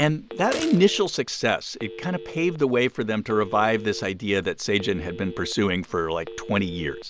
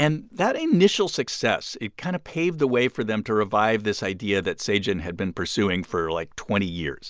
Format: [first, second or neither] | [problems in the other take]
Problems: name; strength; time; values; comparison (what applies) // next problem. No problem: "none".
second | background sound (Telephone + Gunshot, gunfire); 15 dB below the speech